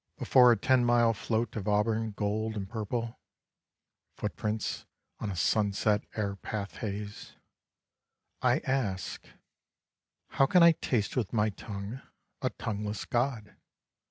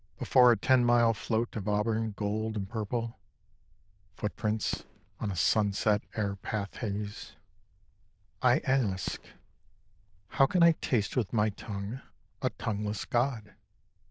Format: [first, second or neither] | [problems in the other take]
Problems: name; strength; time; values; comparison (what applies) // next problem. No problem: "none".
first | noise reduction (neural diffusion model UNIVERSE++)